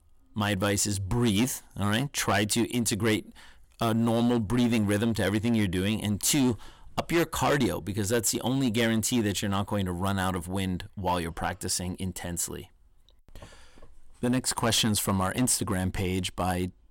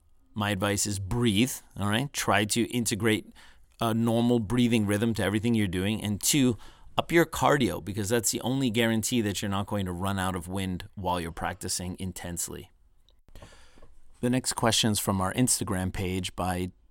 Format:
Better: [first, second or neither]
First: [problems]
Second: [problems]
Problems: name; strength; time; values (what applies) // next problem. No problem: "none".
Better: second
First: distortion; slight; 6% of the sound clipped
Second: none